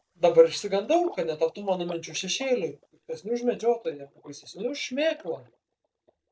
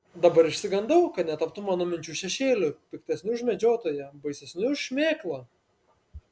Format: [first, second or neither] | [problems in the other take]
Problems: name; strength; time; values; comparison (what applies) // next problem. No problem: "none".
second | noise reduction (neural mask model DeepFilterNet 3)